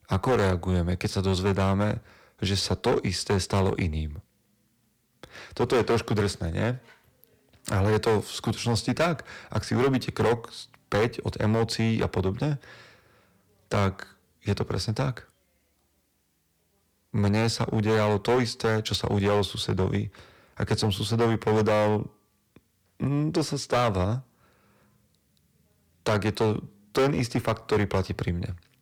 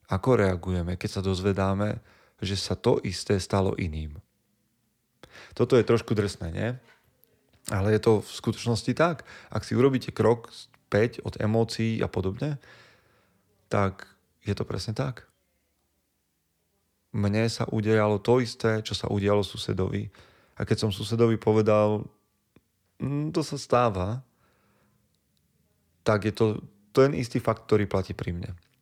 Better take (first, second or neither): second